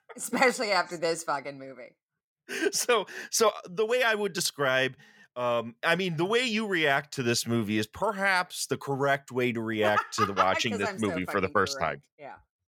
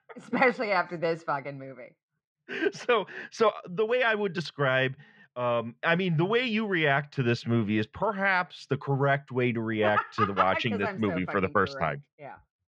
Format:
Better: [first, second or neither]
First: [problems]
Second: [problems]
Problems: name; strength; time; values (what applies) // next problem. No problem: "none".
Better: first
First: none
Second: muffled; slightly; fading above 3 kHz